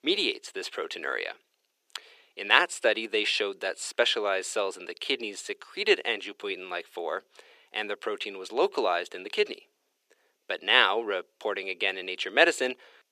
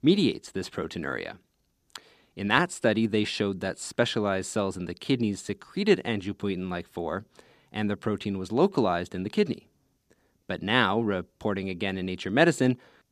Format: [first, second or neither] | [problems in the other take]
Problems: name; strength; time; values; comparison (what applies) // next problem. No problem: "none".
second | thin; very; fading below 450 Hz